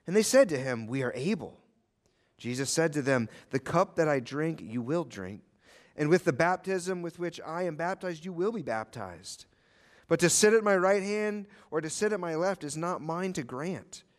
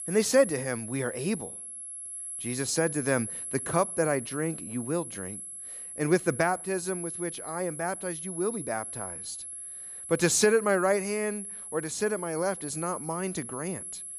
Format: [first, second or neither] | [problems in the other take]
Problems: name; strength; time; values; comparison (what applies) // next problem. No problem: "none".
first | high-pitched whine; loud; throughout; 11 kHz, 7 dB below the speech